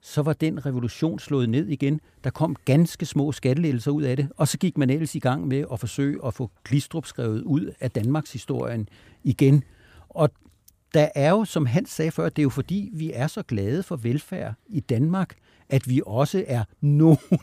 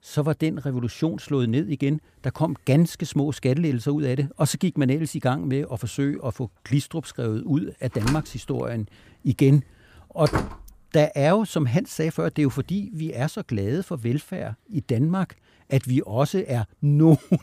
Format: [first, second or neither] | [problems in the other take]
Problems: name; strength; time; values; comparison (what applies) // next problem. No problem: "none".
first | door banging; noticeable; from 8 to 11 s; peak 4 dB below the speech